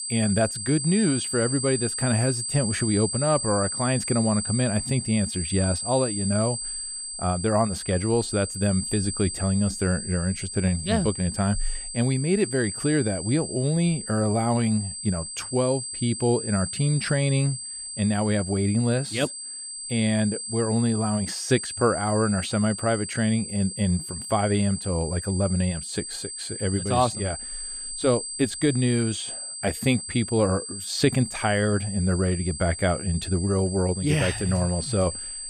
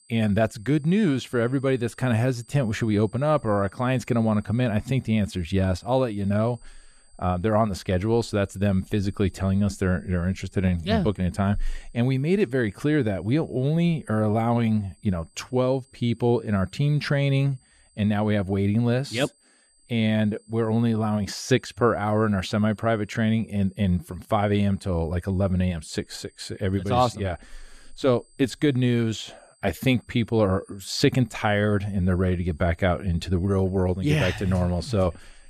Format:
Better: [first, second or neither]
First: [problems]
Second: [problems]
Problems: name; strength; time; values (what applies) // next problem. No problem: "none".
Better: second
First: high-pitched whine; loud; throughout; 8 kHz, 6 dB below the speech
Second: high-pitched whine; faint; throughout; 8 kHz, 35 dB below the speech